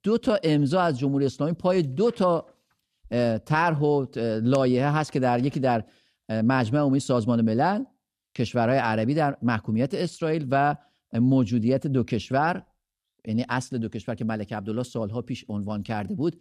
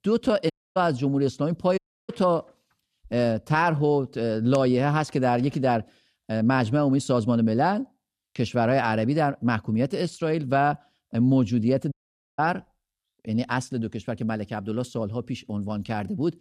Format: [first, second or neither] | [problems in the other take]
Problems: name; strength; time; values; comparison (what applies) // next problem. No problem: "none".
first | audio cutting out; at 0.5 s, at 2 s and at 12 s